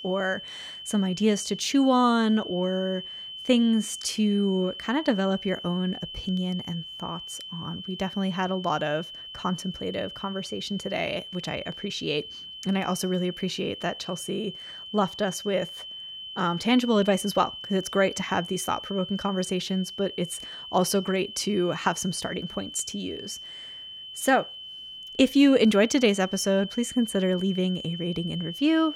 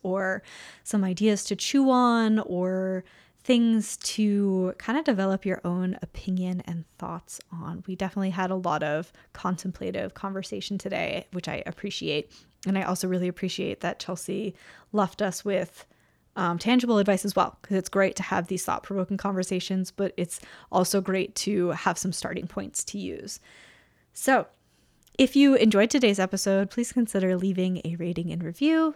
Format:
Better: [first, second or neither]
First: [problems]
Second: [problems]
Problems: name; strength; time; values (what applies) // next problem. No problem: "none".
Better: second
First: high-pitched whine; noticeable; throughout; 3 kHz, 10 dB below the speech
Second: none